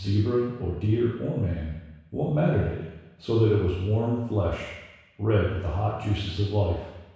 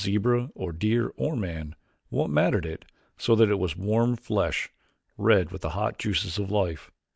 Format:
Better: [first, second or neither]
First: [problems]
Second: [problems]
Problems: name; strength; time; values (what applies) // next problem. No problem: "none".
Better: second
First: room echo; dies away in 1.1 s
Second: none